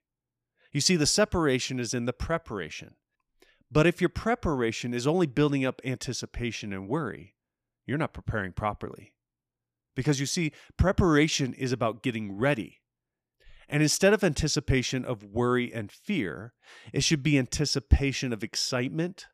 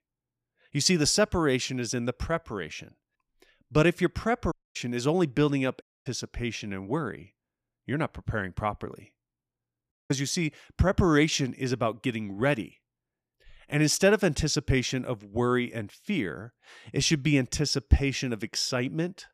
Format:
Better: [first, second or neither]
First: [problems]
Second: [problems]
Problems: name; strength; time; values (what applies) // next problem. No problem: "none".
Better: first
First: none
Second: audio cutting out; at 4.5 s, at 6 s and at 10 s